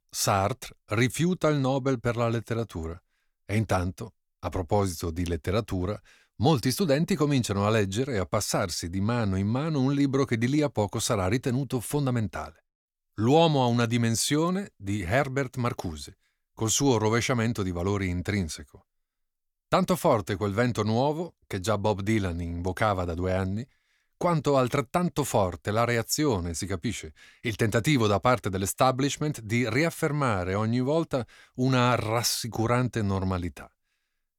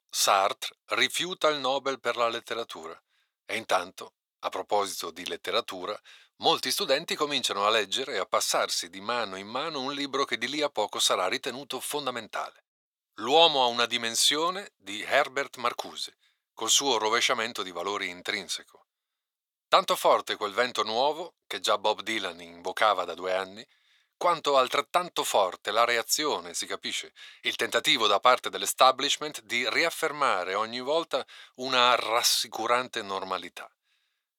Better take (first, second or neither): first